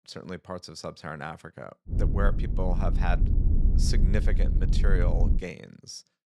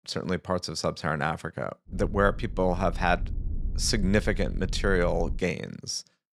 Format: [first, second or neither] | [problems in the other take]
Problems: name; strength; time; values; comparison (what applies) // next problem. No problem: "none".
second | low rumble; loud; from 2 to 5.5 s; 6 dB below the speech; faint in the second